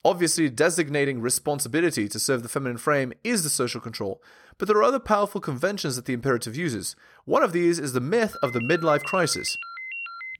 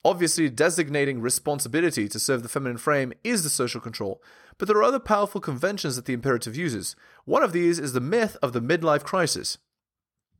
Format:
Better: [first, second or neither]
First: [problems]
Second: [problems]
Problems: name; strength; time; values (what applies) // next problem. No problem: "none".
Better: second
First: phone ringing; noticeable; from 8.5 s on; peak 8 dB below the speech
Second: none